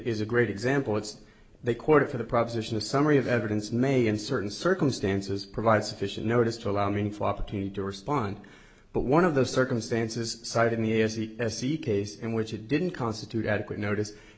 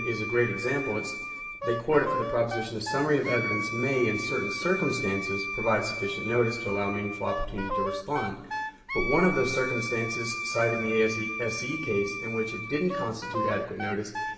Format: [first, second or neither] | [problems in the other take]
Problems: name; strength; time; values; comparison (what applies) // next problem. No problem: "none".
first | background sound (Wind instrument, woodwind instrument); 5 dB below the speech // room echo; dies away in 1.1 s